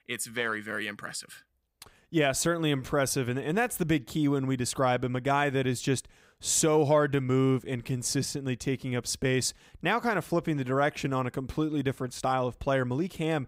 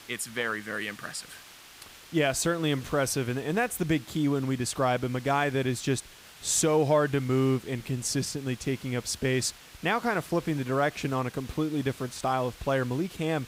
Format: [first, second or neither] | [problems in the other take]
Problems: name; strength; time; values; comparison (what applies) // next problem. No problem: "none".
first | hiss; noticeable; throughout; 20 dB below the speech